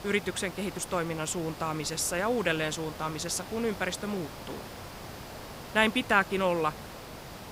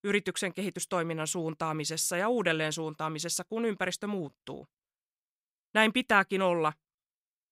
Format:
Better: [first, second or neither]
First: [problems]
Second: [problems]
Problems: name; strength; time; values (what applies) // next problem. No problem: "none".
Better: second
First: hiss; noticeable; throughout; 15 dB below the speech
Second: none